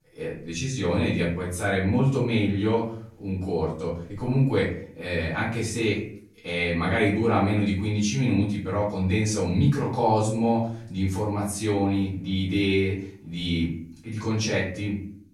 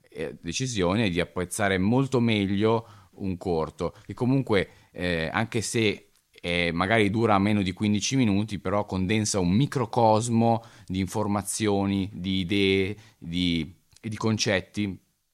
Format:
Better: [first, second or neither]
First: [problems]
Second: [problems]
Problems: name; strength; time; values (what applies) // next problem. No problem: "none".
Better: second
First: off-mic speech; far // room echo; noticeable; dies away in 0.5 s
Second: none